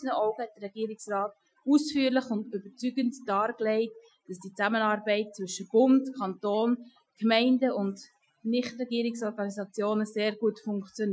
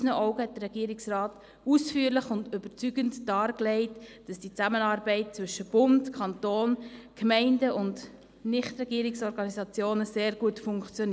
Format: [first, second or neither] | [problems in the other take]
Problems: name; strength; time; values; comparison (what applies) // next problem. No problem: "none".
second | noise reduction (classical method Wiener filter)